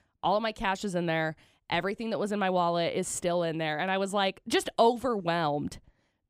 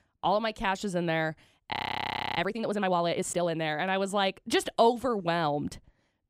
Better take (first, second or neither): first